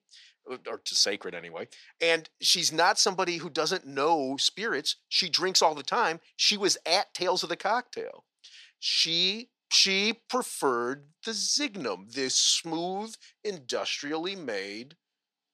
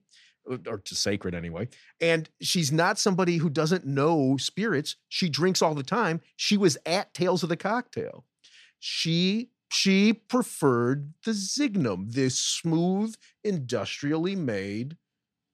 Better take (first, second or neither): second